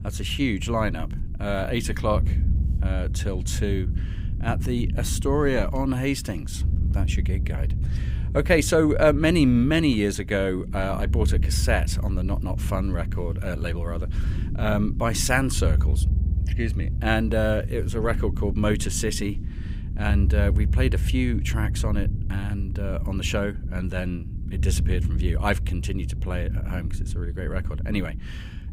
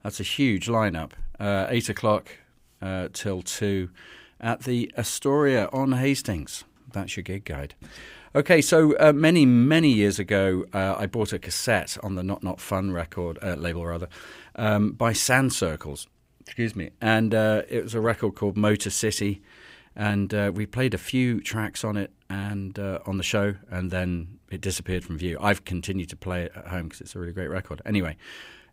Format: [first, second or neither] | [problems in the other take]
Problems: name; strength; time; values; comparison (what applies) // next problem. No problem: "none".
second | low rumble; noticeable; throughout; 15 dB below the speech